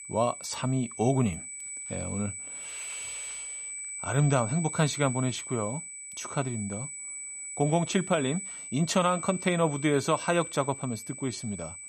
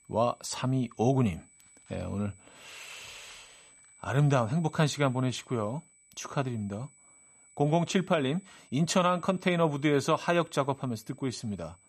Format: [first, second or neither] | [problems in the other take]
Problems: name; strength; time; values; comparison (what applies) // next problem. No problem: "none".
second | high-pitched whine; loud; throughout; 8 kHz, 8 dB below the speech; faint in the second